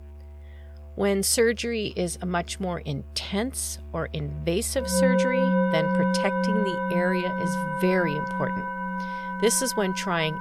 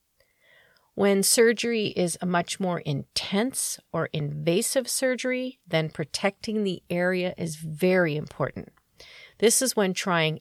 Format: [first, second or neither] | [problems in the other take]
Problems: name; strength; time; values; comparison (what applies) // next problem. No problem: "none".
second | background music; very loud; throughout; as loud as the speech